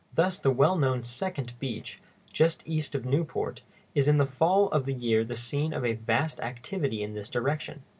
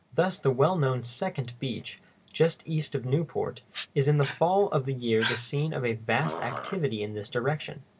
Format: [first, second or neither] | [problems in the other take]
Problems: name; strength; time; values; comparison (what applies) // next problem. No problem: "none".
first | background sound (Dog); 11 dB below the speech